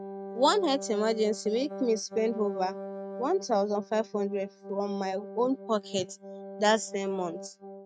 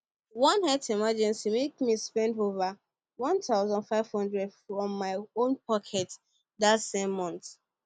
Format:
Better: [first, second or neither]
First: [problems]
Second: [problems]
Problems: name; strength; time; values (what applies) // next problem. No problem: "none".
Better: second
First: noise reduction (neural mask model RNNoise)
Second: none